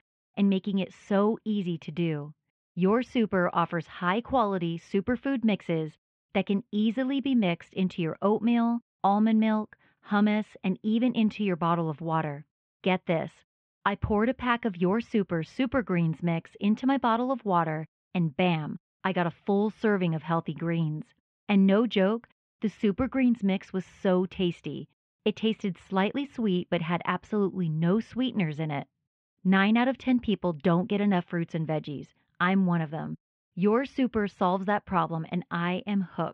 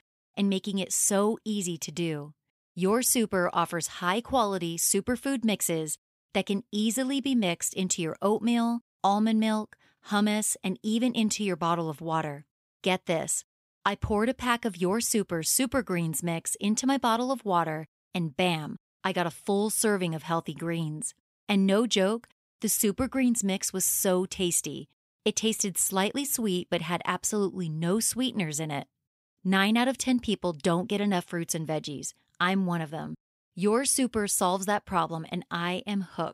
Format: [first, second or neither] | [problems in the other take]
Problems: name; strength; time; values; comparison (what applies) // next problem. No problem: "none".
second | muffled; very; fading above 3 kHz